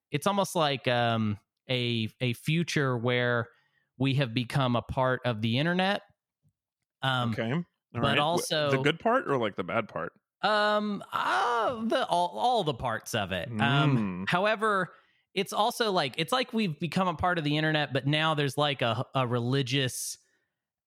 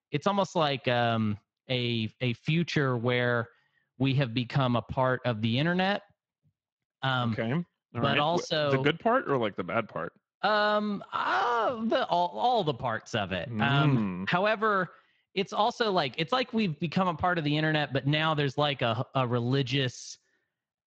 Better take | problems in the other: first | garbled, watery; slightly

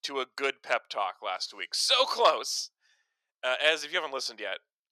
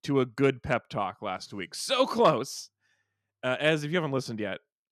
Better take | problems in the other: second | thin; very; fading below 550 Hz

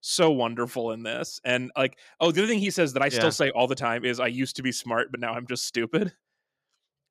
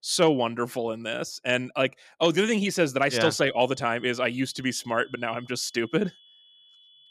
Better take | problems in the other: first | high-pitched whine; faint; from 3.5 s on; 3.5 kHz, 25 dB below the speech

